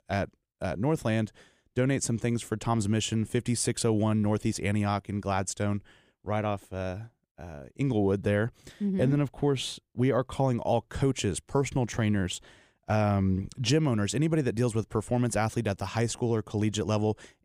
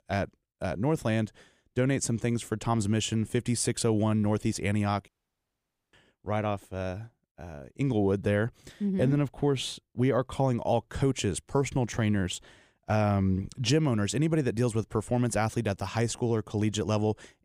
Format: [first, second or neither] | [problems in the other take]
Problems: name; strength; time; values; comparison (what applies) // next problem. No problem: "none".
first | audio cutting out; at 5 s for 1 s